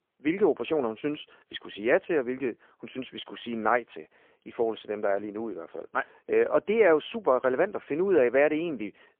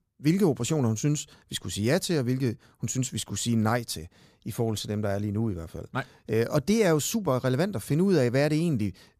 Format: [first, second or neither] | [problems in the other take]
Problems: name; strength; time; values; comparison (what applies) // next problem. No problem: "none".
second | phone-call audio; poor line; nothing above 3.5 kHz